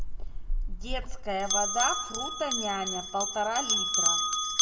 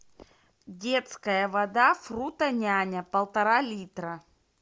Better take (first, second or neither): second